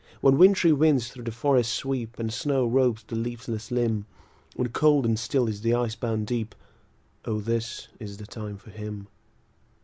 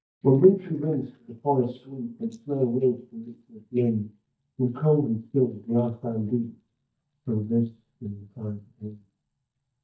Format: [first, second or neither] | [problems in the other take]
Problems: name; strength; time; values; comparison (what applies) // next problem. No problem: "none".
first | noise reduction (neural mask model DeepFilterNet 3)